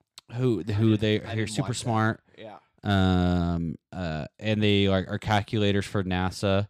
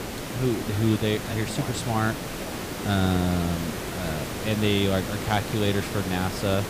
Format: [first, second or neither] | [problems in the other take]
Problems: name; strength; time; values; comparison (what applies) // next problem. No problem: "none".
first | hiss; loud; throughout; 5 dB below the speech